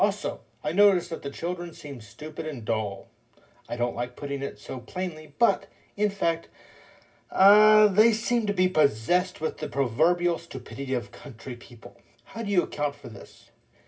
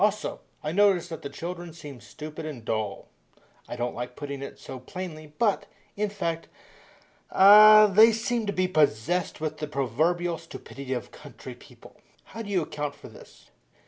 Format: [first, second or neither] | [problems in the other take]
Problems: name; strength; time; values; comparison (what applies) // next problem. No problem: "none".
second | room echo; dies away in 0.4 s